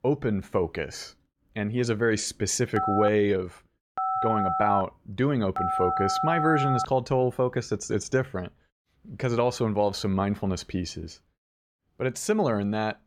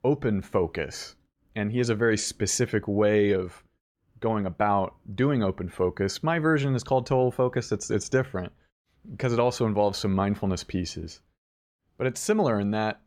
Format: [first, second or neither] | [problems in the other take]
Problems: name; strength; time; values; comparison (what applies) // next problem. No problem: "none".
second | phone ringing; loud; from 3 to 7 s; peak level with the speech